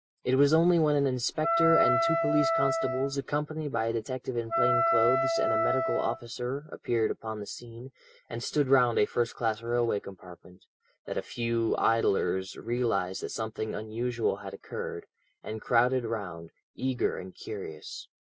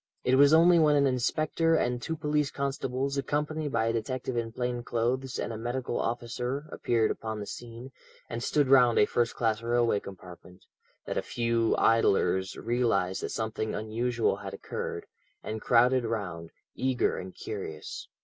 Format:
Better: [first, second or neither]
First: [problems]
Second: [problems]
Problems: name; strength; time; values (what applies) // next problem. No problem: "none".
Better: second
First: background sound (Wind instrument, woodwind instrument); 2 dB above the speech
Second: none